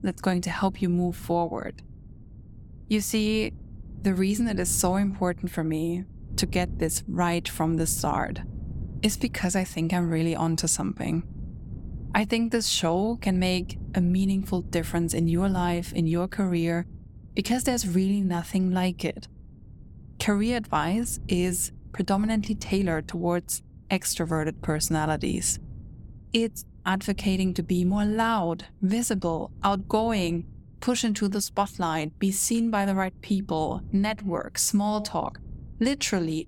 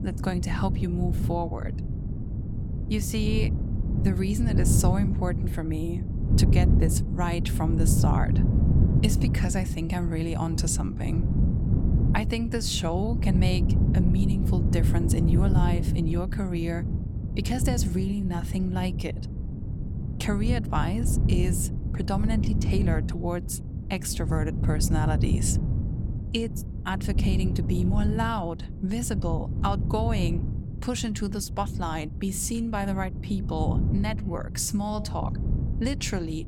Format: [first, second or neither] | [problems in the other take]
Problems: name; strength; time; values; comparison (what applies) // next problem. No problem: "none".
first | wind noise on the microphone; heavy; 6 dB below the speech; occasional gusts in the first